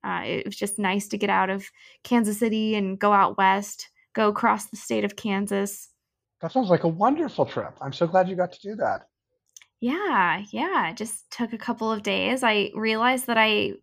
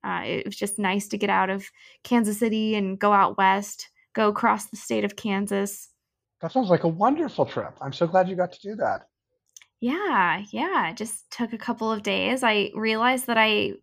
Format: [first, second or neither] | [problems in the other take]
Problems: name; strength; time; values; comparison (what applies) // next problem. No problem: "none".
neither | none